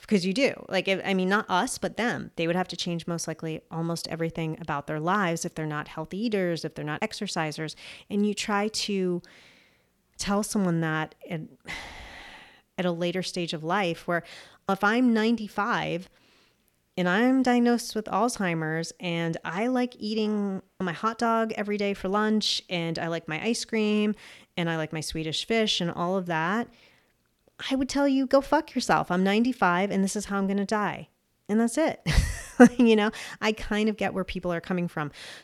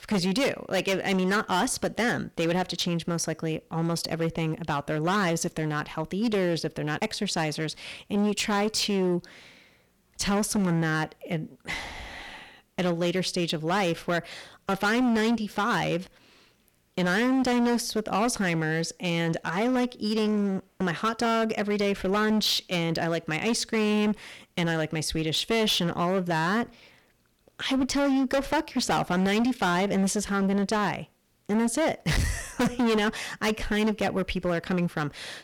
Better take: first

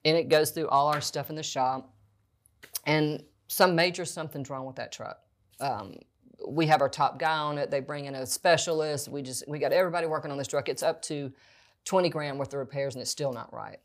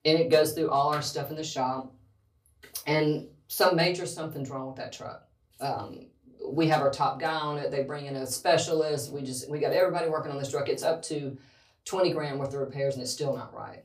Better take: first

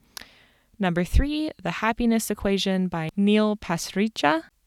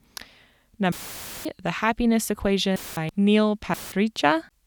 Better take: first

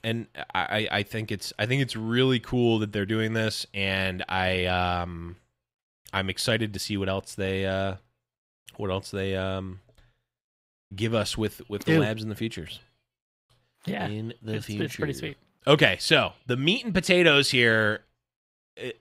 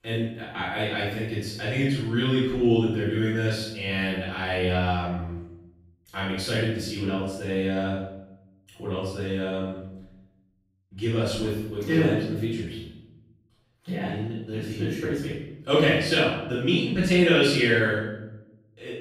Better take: first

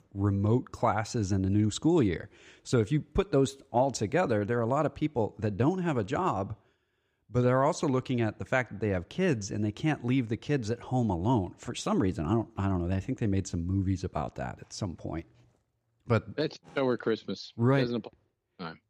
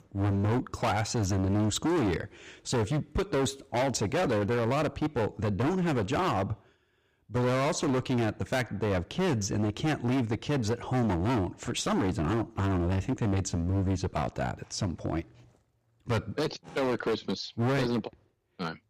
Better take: first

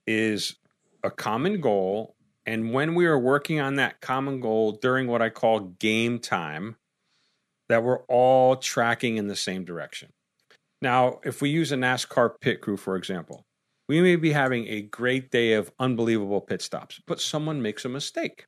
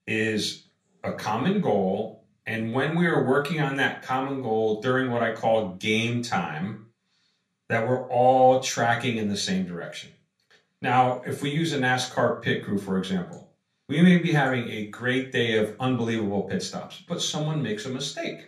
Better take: first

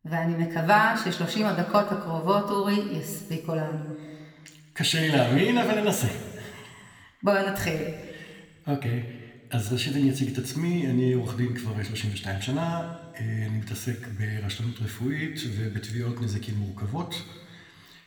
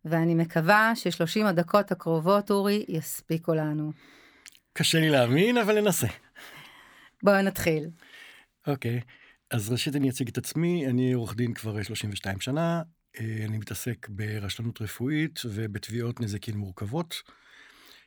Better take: second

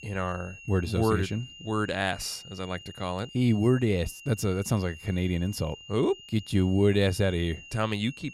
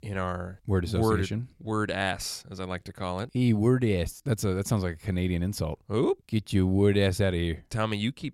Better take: second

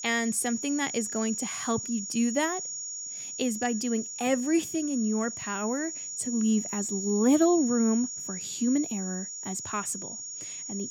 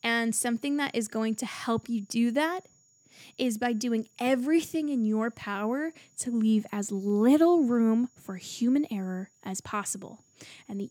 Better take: second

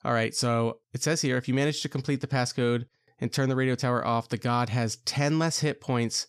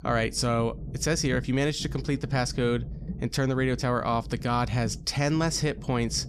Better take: first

